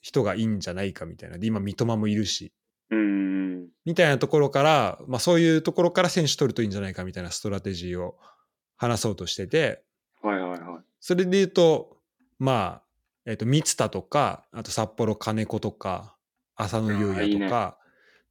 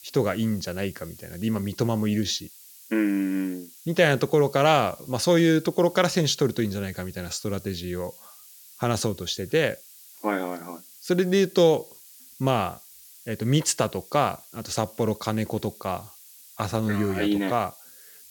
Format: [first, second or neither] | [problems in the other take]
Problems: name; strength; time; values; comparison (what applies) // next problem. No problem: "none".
first | hiss; faint; throughout; 20 dB below the speech